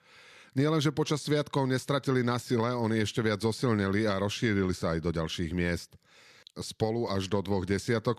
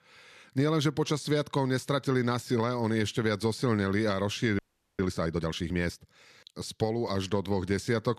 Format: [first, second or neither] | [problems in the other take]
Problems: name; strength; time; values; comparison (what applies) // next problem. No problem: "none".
first | audio freezing; at 4.5 s